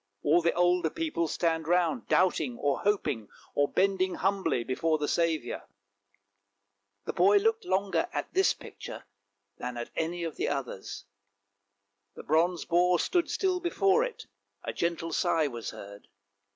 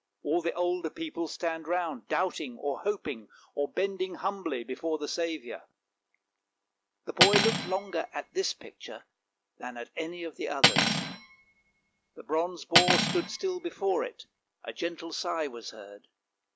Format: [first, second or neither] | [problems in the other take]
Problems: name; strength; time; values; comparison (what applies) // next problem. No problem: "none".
first | background sound (Cutlery, silverware); 2 dB above the speech